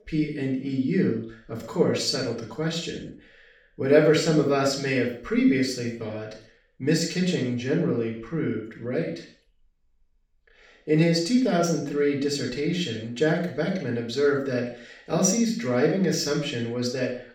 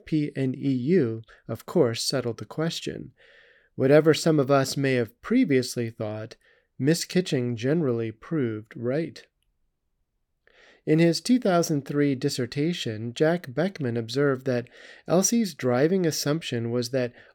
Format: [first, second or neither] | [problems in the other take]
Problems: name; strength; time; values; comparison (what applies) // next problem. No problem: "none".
second | room echo; noticeable; dies away in 0.5 s // off-mic speech; far